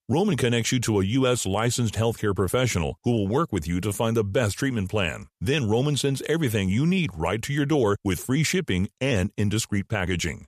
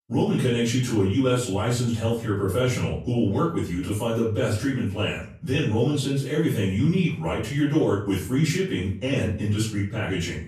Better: first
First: none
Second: off-mic speech; far // room echo; noticeable; dies away in 0.4 s

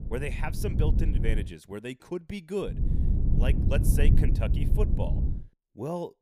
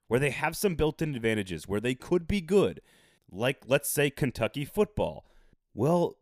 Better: second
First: low rumble; loud; until 1.5 s and from 2.5 to 5.5 s; 5 dB below the speech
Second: none

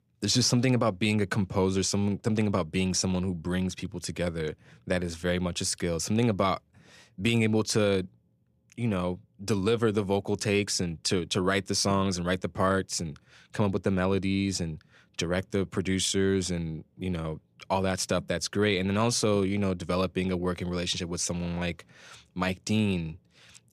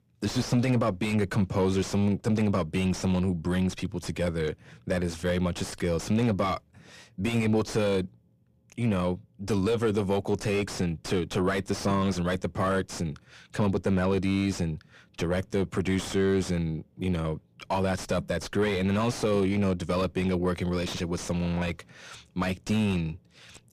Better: first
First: none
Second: distortion; heavy; 7 dB below the speech

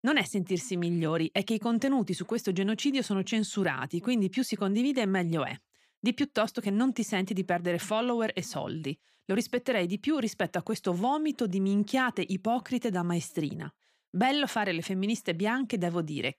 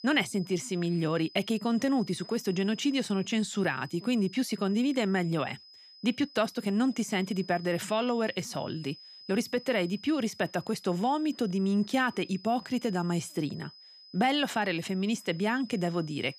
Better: first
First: none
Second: high-pitched whine; noticeable; throughout; 5 kHz, 20 dB below the speech

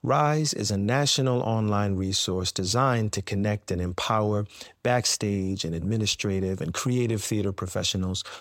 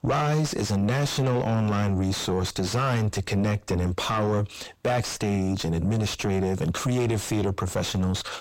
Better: first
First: none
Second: distortion; heavy; 5 dB below the speech

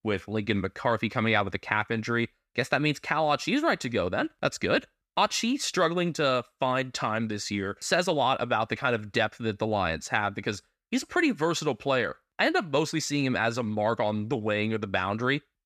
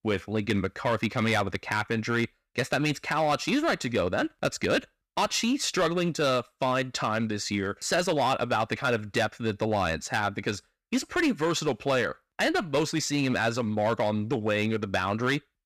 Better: first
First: none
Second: distortion; slight; 6% of the sound clipped

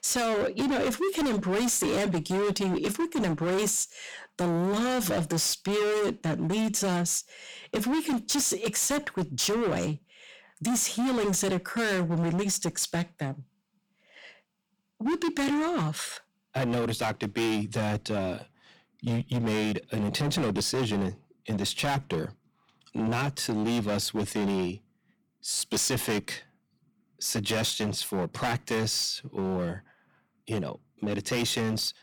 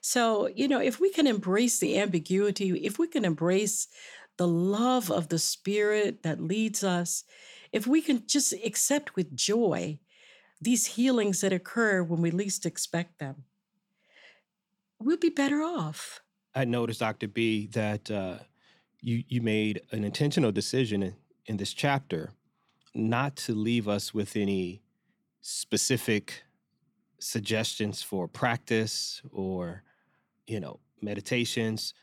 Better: second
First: distortion; heavy; 22% of the sound clipped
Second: none

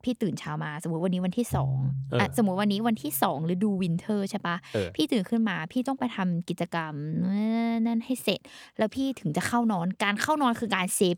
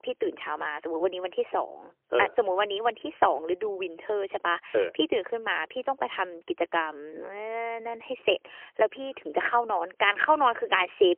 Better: first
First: none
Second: phone-call audio; poor line; nothing above 3 kHz

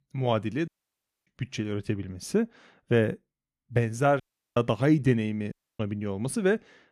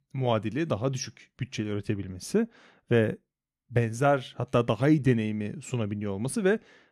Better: second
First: audio cutting out; at 0.5 s for 0.5 s, at 4 s and at 5.5 s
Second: none

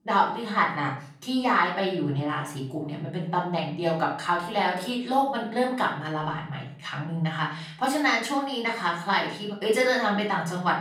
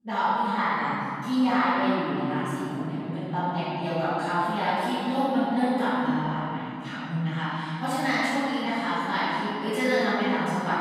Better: first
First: room echo; slight; dies away in 0.5 s // off-mic speech; far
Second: room echo; strong; dies away in 3 s // off-mic speech; far

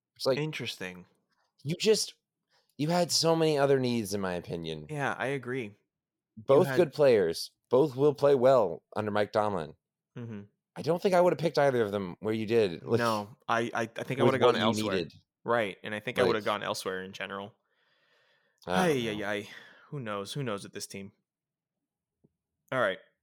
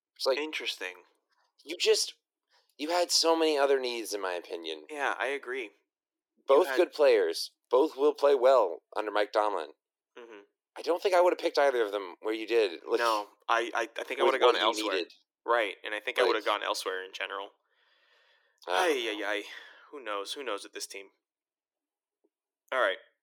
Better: first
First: none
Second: thin; very; fading below 300 Hz

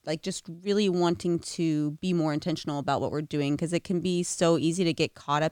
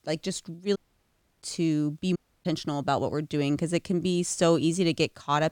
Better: first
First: none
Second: audio cutting out; at 1 s for 0.5 s and at 2 s

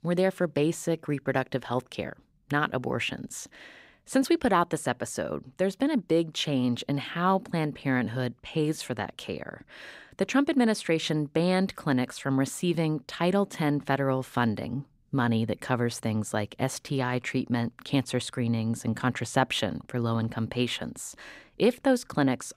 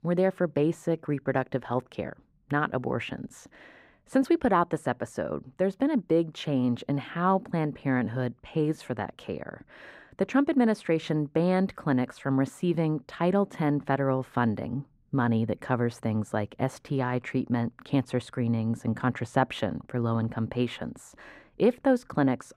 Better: first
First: none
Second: muffled; slightly; fading above 2.5 kHz

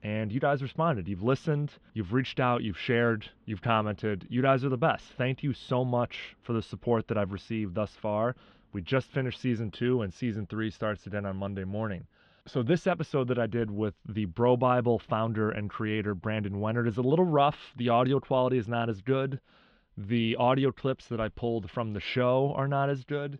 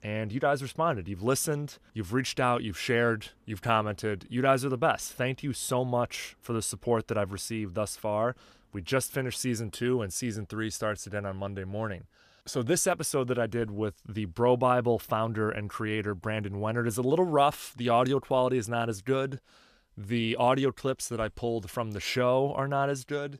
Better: second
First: muffled; very; fading above 3.5 kHz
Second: none

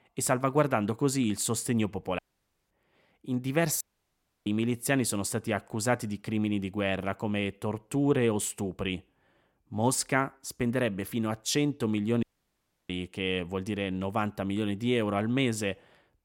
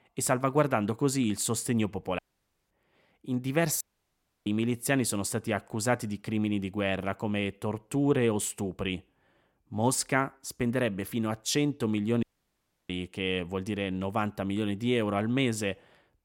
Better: neither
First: audio cutting out; at 2 s for 0.5 s, at 4 s for 0.5 s and at 12 s for 0.5 s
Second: audio cutting out; at 2 s for 0.5 s, at 4 s for 0.5 s and at 12 s for 0.5 s

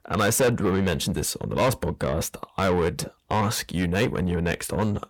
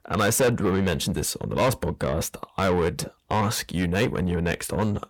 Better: neither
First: distortion; heavy; 6 dB below the speech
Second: distortion; heavy; 6 dB below the speech

